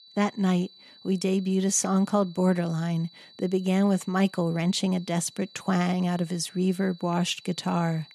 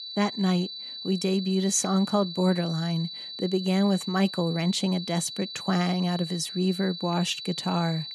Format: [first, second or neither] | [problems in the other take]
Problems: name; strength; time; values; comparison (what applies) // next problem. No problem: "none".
first | high-pitched whine; loud; throughout; 4 kHz, 9 dB below the speech; faint in the first